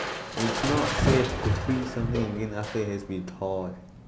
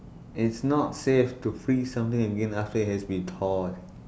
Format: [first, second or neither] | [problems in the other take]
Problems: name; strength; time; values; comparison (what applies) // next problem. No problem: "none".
second | background sound (Crushing); as loud as the speech